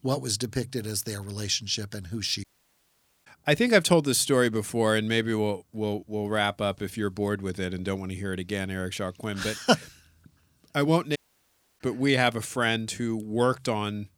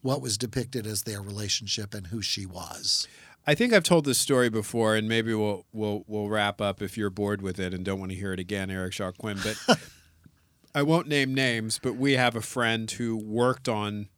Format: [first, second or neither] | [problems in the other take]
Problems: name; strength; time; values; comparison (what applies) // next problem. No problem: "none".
second | audio cutting out; at 2.5 s for 1 s and at 11 s for 0.5 s